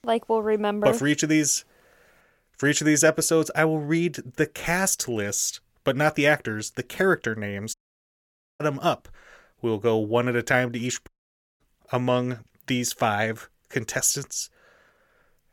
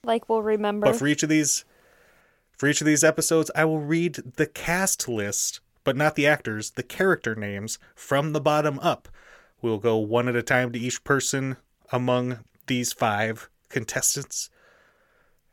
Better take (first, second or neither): second